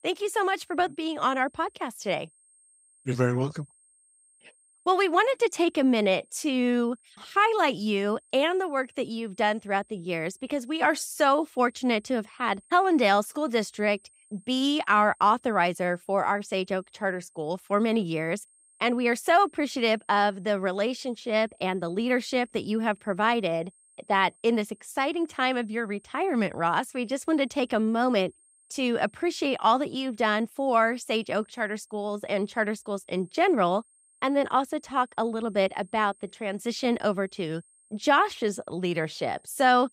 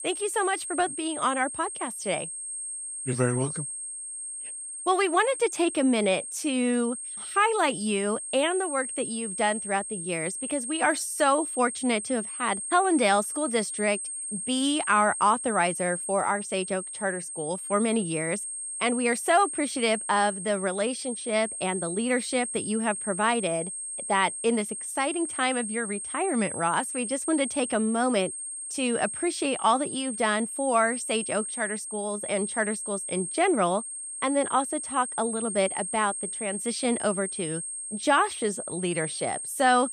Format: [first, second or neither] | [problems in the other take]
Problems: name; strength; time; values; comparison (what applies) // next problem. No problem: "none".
first | high-pitched whine; loud; throughout; 8.5 kHz, 5 dB below the speech; faint in the first